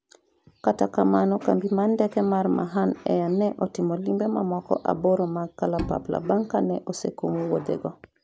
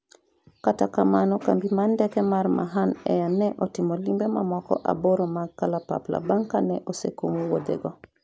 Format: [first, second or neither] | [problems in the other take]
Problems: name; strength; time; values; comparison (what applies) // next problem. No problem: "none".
second | background sound (Bowed string instrument); 11 dB below the speech